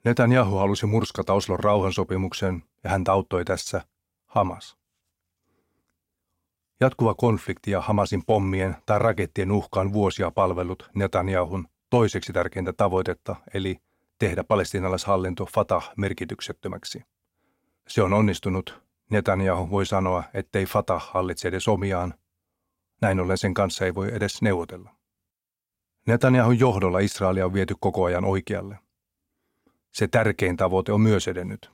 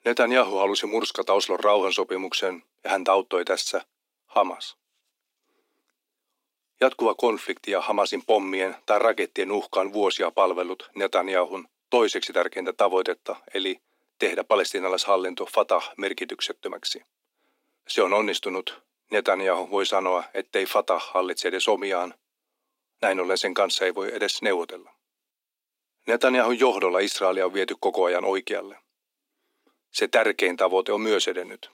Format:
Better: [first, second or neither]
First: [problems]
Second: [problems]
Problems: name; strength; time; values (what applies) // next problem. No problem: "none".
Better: first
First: none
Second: thin; somewhat; fading below 300 Hz